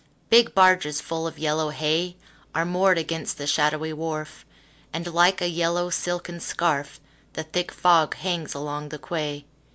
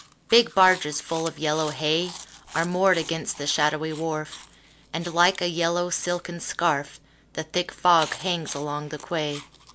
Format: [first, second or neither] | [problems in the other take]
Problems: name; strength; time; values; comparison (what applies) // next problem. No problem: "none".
first | background sound (Chewing, mastication); 19 dB below the speech